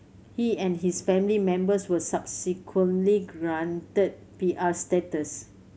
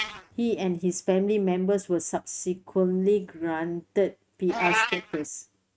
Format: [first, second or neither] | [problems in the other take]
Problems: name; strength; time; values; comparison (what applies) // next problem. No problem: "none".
first | noise reduction (neural mask model RNNoise)